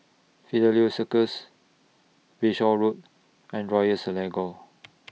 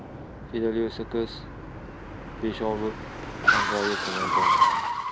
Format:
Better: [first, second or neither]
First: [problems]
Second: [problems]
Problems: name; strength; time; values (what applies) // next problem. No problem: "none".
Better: first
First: none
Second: background sound (Car); 5 dB above the speech